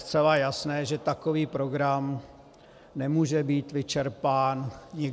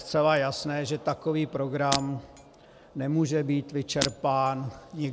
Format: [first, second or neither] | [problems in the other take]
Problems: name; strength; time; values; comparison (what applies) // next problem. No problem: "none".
first | background sound (Shatter); 9 dB below the speech